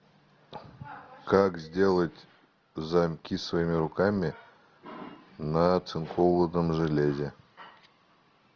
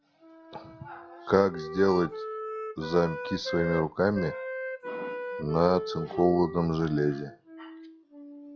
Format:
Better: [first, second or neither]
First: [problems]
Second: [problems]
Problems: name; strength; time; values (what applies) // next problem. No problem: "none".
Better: first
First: none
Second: noise reduction (classical method log-MMSE)